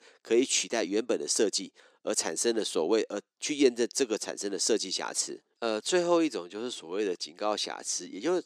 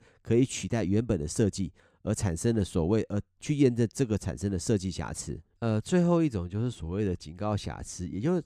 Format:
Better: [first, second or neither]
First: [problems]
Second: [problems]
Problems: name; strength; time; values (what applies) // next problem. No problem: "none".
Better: second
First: thin; somewhat; fading below 300 Hz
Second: none